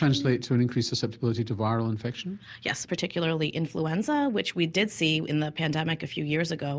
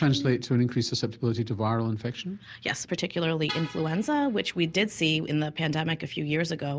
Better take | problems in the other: first | background sound (Vehicle horn, car horn, honking); 16 dB below the speech

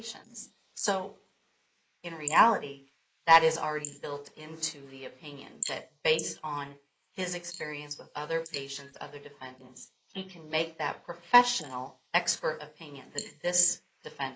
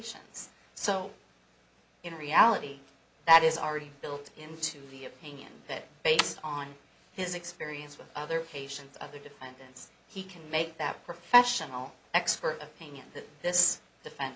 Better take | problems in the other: second | noise reduction (neural mask model Resemble Enhance denoiser)

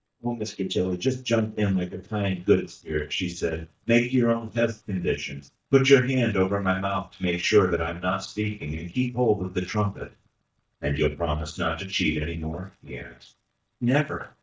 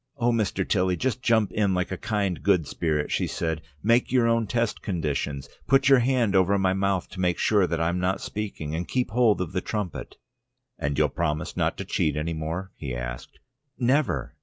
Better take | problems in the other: second | noise reduction (neural mask model DeepFilterNet 3)

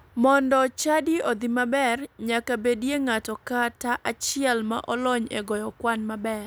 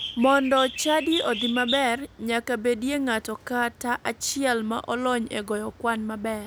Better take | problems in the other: first | background sound (Bird); 12 dB below the speech

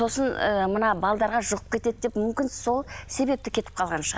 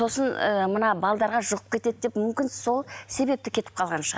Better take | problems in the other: second | background sound (Purr); 20 dB below the speech

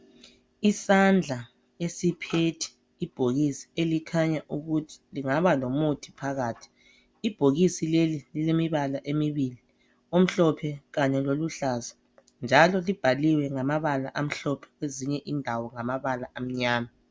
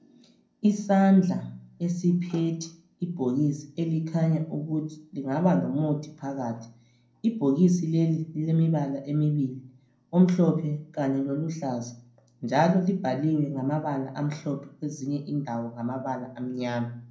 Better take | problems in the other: first | room echo; dies away in 0.6 s

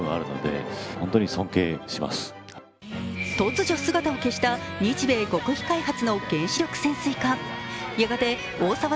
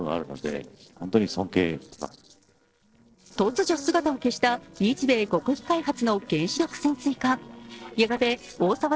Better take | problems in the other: first | noise reduction (neural separator model SepFormer DNS4)

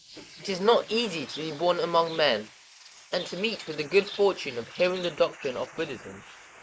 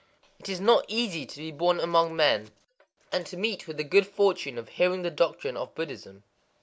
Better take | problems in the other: second | noise reduction (neural mask model Resemble Enhance denoiser)

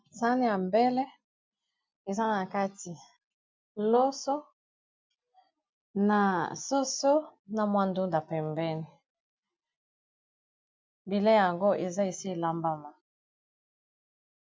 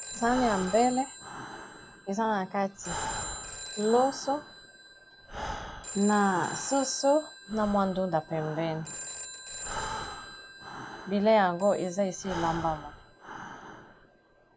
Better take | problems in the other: first | background sound (Breathing + Telephone); 9 dB below the speech

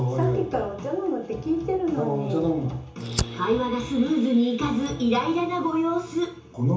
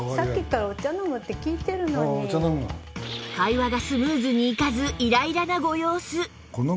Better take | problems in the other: second | background sound (Fire); 16 dB below the speech // room echo; dies away in 0.7 s

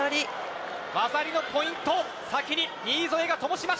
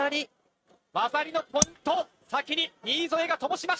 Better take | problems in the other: first | noise reduction (neural mask model RNNoise)

